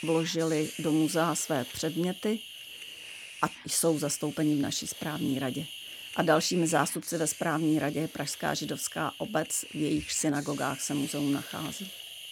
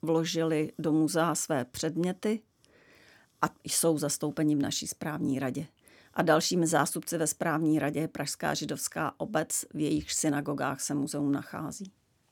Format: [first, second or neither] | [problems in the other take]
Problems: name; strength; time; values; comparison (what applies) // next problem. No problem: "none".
second | hiss; noticeable; throughout; 10 dB below the speech